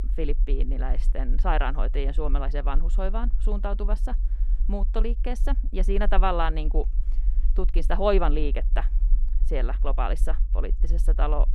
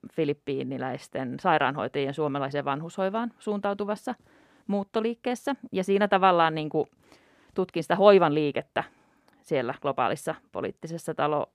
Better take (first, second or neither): second